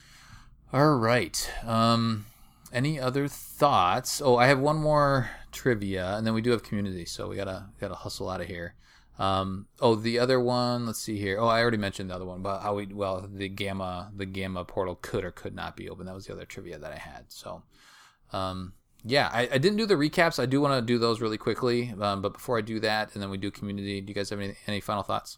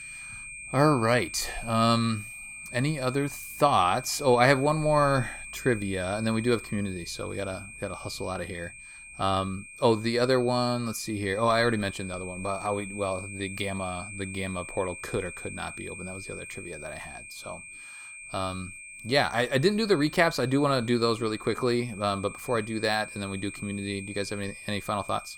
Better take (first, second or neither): first